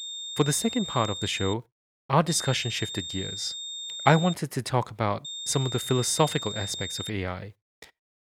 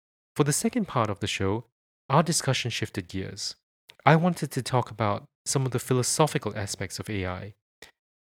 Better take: second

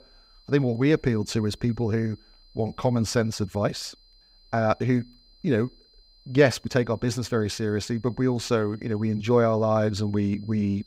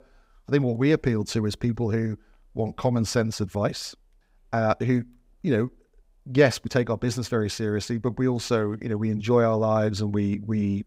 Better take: second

